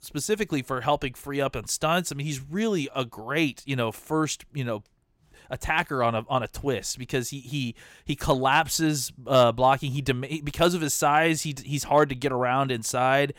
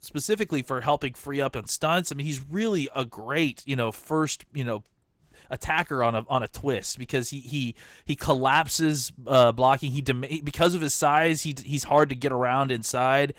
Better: first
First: none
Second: garbled, watery; slightly; nothing above 16.5 kHz

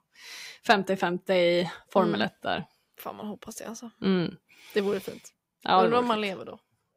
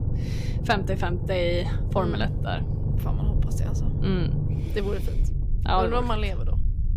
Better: first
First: none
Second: low rumble; noticeable; throughout; 10 dB below the speech

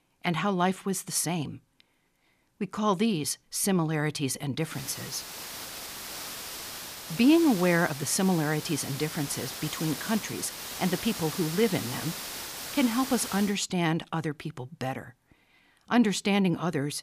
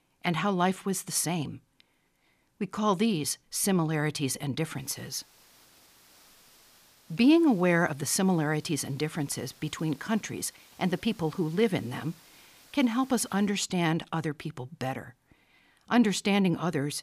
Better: second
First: hiss; loud; from 4.5 to 13 s; 8 dB below the speech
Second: hiss; faint; from 4.5 to 13 s; 25 dB below the speech

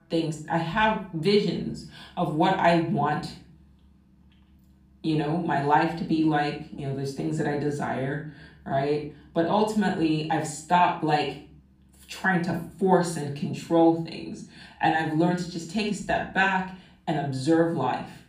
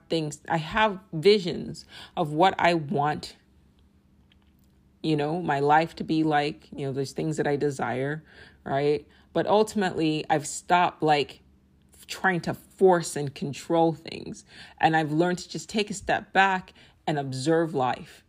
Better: second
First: off-mic speech; far // room echo; slight; dies away in 0.4 s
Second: none

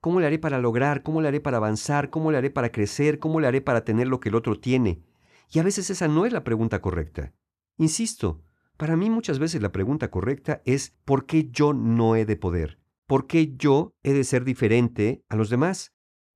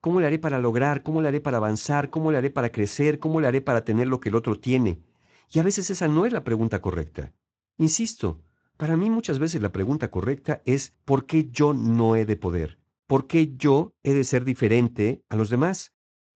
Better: first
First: none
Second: garbled, watery; slightly; nothing above 7.5 kHz

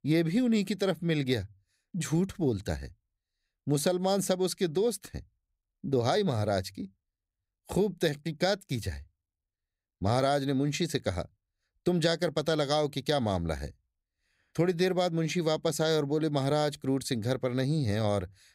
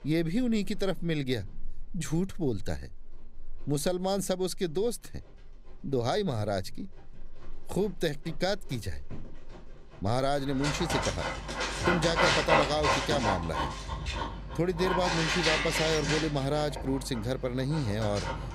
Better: first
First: none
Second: animal sounds; very loud; throughout; as loud as the speech

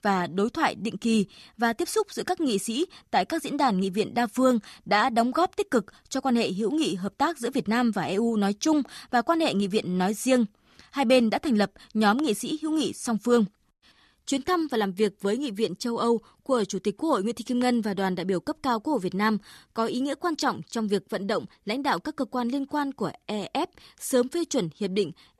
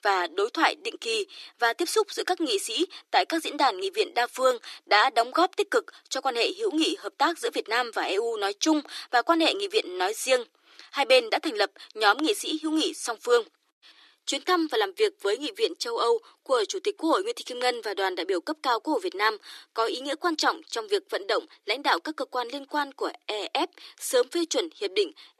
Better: first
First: none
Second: thin; very; fading below 300 Hz

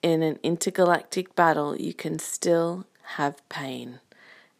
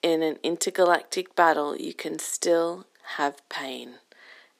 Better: first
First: none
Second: thin; somewhat; fading below 300 Hz

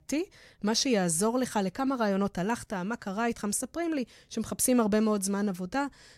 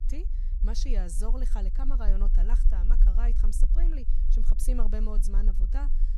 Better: first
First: none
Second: low rumble; loud; throughout; 10 dB below the speech

